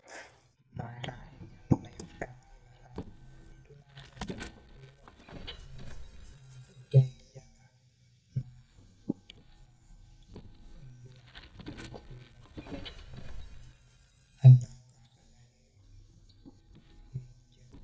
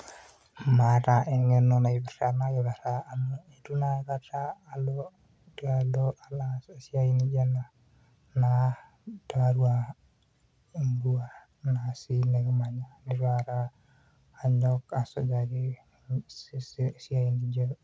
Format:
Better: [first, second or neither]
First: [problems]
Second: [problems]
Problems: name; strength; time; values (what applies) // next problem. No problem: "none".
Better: second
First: noise reduction (neural mask model DeepFilterNet 3)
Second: none